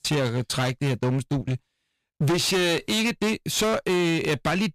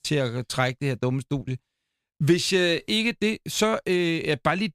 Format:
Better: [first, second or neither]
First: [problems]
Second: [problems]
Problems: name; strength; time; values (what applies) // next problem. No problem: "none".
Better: second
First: distortion; heavy; 22% of the sound clipped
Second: none